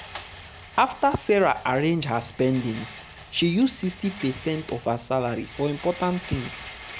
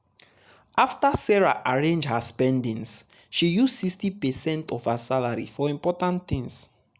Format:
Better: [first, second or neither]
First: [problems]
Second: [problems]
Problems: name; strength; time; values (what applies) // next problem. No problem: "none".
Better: second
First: background sound (Rattle); 17 dB below the speech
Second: none